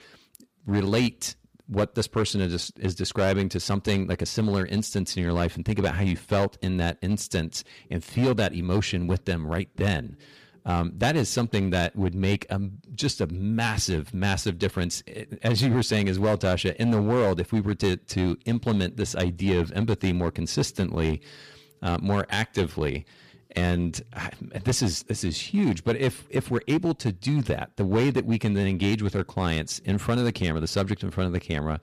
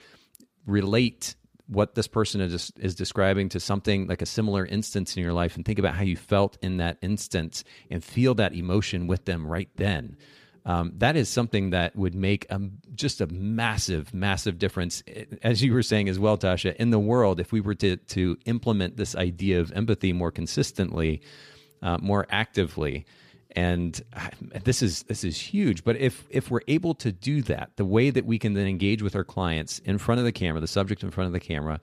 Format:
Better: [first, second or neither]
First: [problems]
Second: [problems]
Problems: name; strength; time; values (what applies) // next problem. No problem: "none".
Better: second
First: distortion; slight; 6% of the sound clipped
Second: none